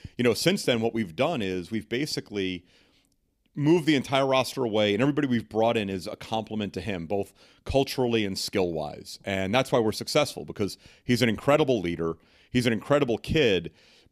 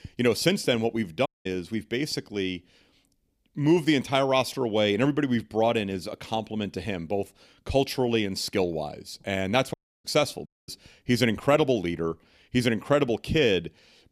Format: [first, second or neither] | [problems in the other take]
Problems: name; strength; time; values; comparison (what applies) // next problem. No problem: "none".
first | audio cutting out; at 1.5 s, at 9.5 s and at 10 s